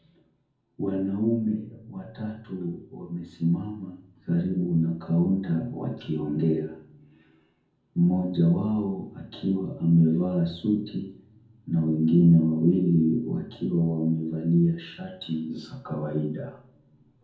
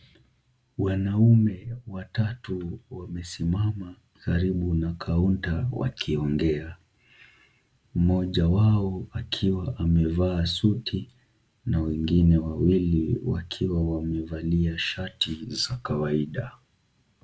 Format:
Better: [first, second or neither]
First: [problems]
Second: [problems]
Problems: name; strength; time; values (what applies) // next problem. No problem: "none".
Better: second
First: room echo; dies away in 0.6 s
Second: none